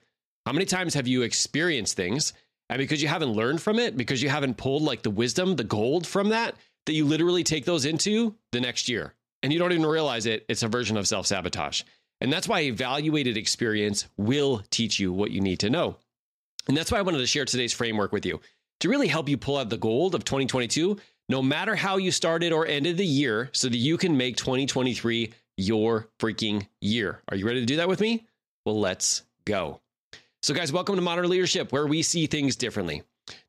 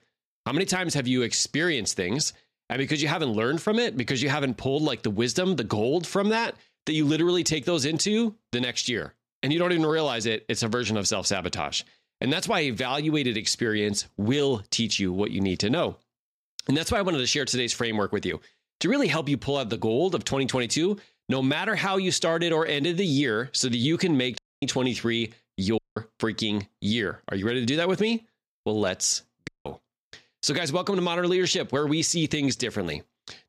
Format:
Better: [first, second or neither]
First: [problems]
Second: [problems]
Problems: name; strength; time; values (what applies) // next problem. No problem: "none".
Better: first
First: none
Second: audio cutting out; at 24 s, at 26 s and at 29 s